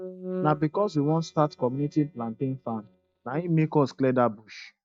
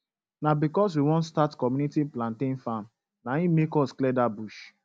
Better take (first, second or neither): second